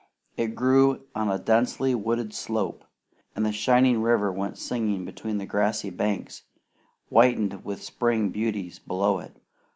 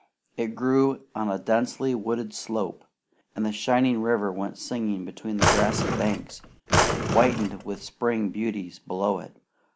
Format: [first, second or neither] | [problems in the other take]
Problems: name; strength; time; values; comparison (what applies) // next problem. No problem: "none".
first | background sound (Drawer open or close); 1 dB above the speech